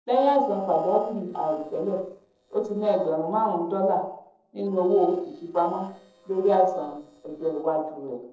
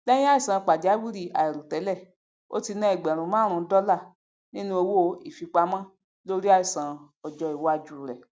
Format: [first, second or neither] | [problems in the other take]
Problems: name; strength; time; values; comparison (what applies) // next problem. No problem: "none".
second | noise reduction (neural separator model SepFormer DNS4)